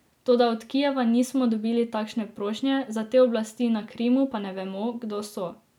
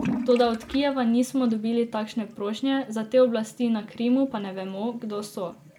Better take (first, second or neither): first